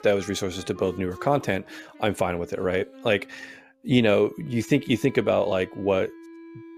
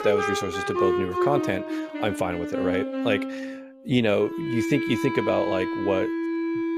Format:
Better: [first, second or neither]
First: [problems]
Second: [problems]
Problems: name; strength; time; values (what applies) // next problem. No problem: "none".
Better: first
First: background music; faint; throughout; 20 dB below the speech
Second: background music; loud; throughout; 1 dB below the speech